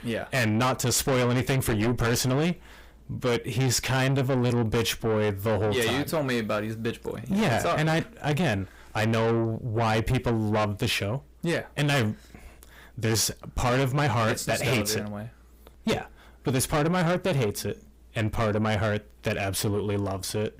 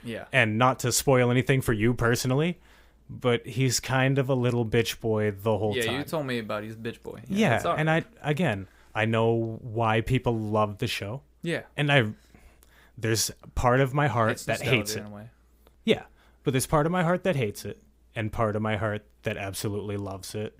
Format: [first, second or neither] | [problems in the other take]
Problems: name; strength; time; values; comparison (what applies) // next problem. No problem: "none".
second | distortion; heavy; 6 dB below the speech